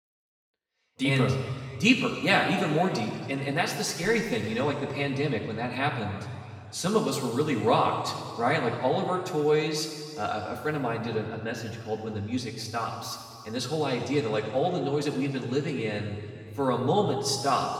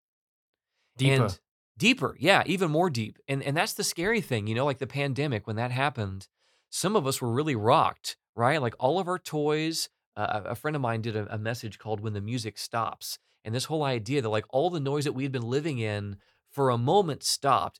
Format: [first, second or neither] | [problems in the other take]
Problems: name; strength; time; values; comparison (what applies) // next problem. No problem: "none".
second | room echo; noticeable; dies away in 2.2 s // off-mic speech; far